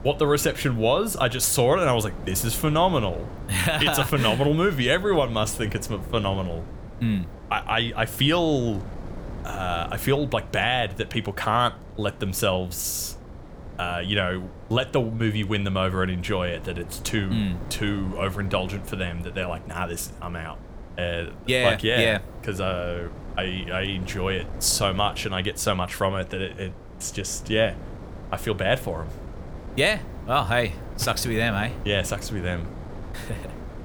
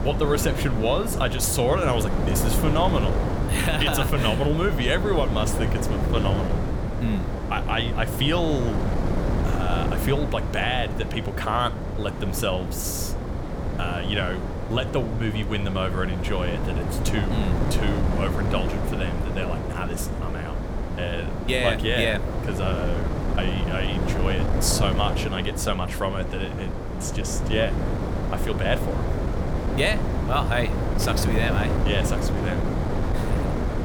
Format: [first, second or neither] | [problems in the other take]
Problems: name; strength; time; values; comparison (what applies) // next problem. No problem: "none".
first | wind noise on the microphone; heavy; 5 dB below the speech; occasional gusts in the first